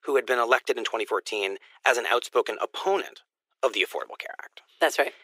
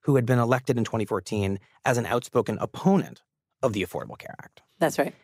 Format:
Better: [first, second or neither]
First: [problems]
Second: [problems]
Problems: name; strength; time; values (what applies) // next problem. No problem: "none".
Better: second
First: thin; very; fading below 350 Hz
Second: none